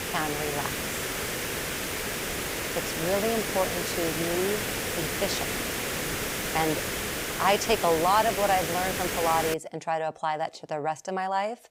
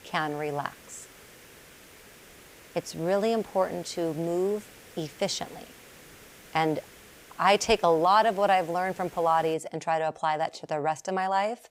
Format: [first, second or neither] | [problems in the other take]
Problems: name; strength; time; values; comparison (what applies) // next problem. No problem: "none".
second | hiss; loud; until 9.5 s; 1 dB below the speech; faint in the second